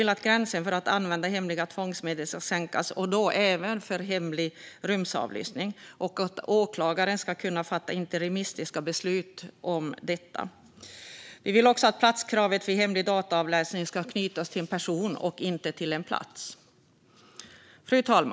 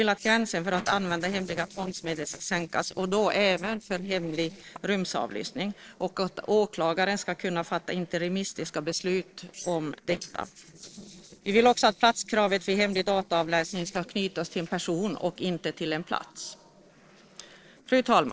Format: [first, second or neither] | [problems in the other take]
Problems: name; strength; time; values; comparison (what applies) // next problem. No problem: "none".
first | noise reduction (neural separator model SepFormer DNS4)